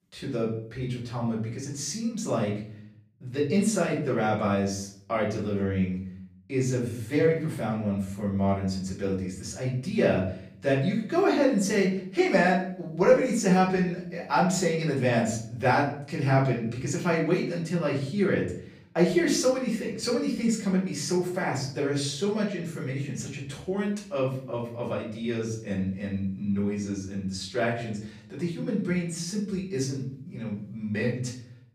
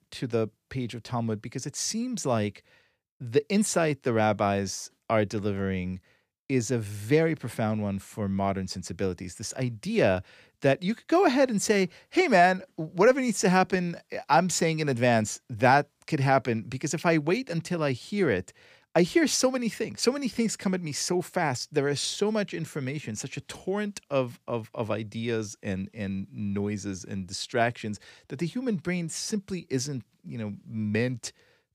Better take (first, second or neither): second